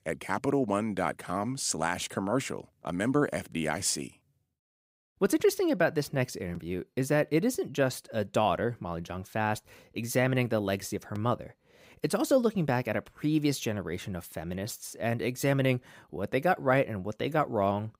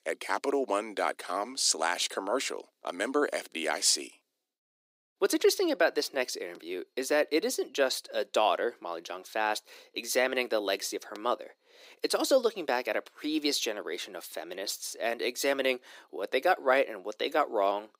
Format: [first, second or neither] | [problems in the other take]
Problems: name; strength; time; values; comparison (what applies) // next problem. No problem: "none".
first | thin; somewhat; fading below 300 Hz